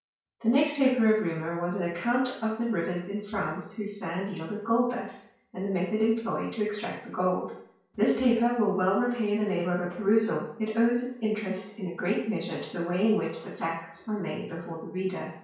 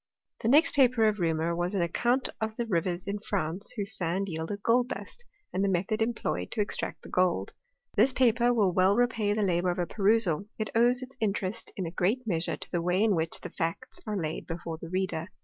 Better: second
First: room echo; dies away in 0.5 s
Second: none

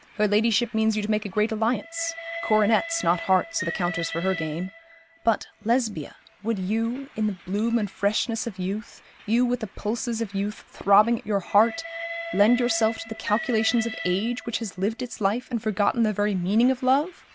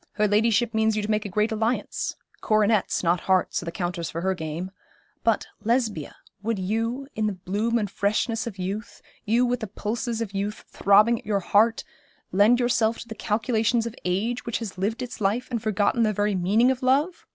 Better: second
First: background sound (Train); 14 dB below the speech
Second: none

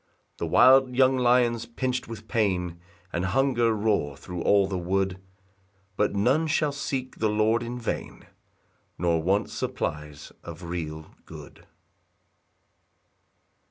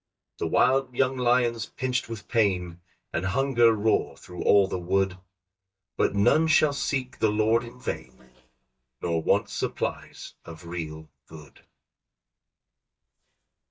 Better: first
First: none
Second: noise reduction (neural mask model DeepFilterNet 3)

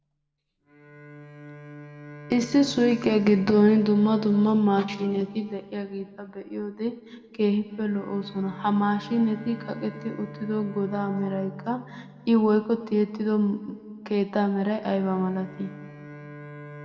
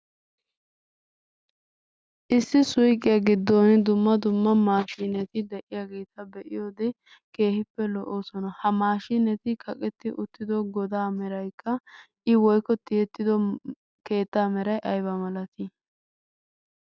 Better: second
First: background sound (Bowed string instrument); 18 dB below the speech // room echo; dies away in 1.4 s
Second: none

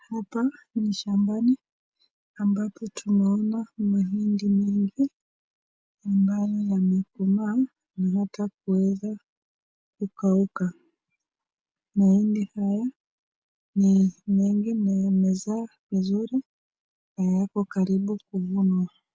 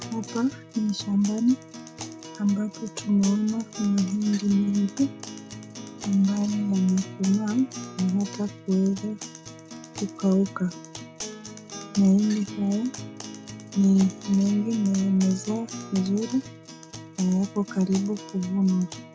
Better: first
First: none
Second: background sound (Acoustic guitar); 14 dB below the speech

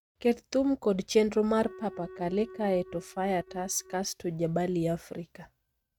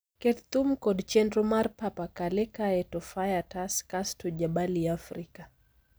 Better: second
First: noise reduction (neural mask model RNNoise)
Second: none

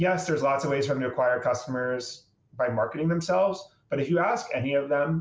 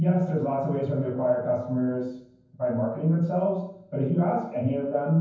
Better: first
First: none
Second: room echo; dies away in 0.9 s

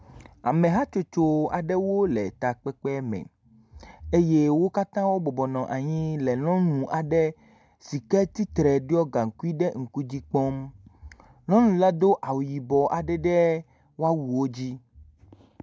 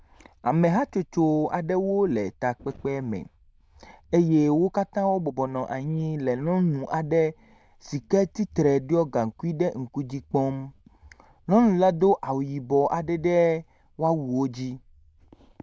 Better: first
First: none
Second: noise reduction (neural diffusion model UNIVERSE++)

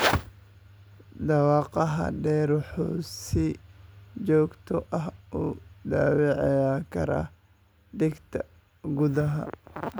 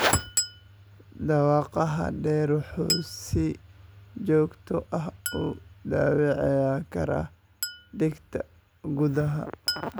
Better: first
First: none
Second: background sound (Chink, clink); 11 dB below the speech

